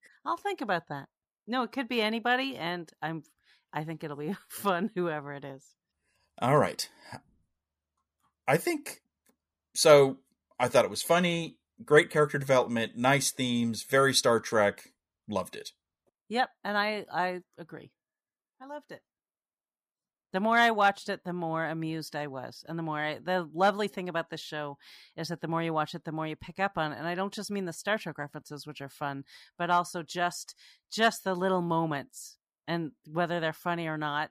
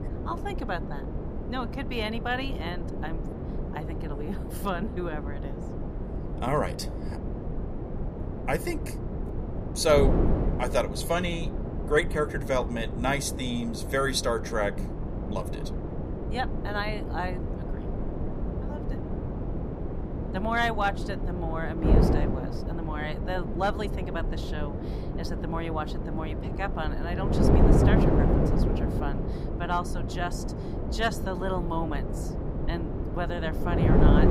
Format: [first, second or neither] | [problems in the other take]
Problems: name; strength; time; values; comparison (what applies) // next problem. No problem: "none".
first | wind noise on the microphone; heavy; 5 dB below the speech